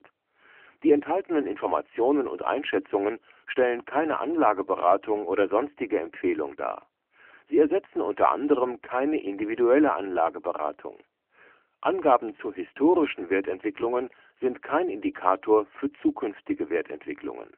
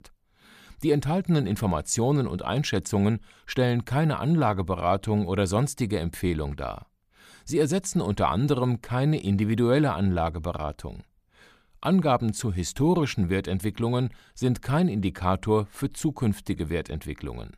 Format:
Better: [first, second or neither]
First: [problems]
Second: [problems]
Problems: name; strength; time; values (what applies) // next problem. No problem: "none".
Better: second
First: phone-call audio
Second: none